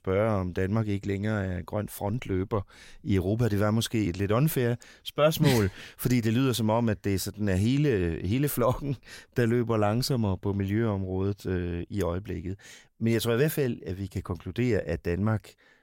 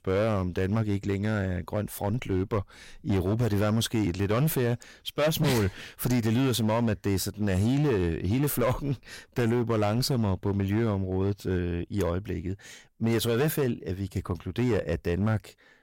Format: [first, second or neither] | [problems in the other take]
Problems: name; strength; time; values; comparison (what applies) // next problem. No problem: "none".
first | distortion; slight; 10% of the sound clipped